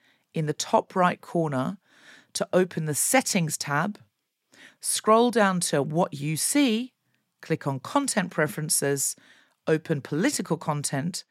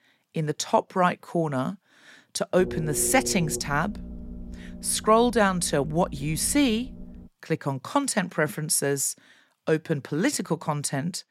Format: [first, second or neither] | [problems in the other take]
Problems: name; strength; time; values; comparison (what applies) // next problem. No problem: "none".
first | low rumble; noticeable; from 2.5 to 7.5 s; 15 dB below the speech